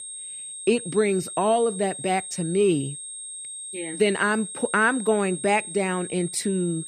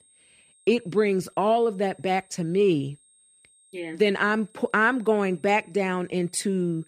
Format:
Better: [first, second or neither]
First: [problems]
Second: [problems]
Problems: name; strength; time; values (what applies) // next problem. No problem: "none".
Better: second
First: high-pitched whine; loud; throughout; 8.5 kHz, 10 dB below the speech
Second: high-pitched whine; faint; throughout; 8.5 kHz, 30 dB below the speech